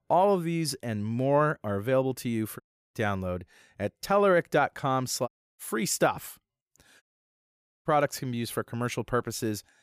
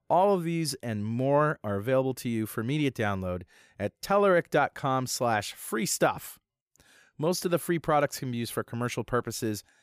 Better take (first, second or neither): second